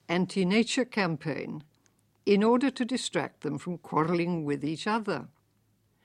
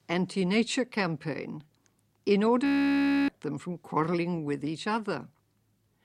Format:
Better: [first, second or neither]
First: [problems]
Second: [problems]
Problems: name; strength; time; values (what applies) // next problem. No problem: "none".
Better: first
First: none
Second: audio freezing; at 2.5 s for 0.5 s